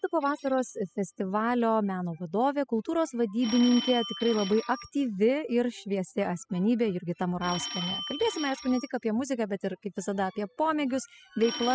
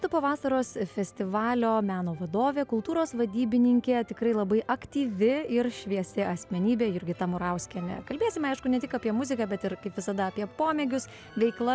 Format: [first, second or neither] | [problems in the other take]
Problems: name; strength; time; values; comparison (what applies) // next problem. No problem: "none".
second | noise reduction (classical method spectral subtraction)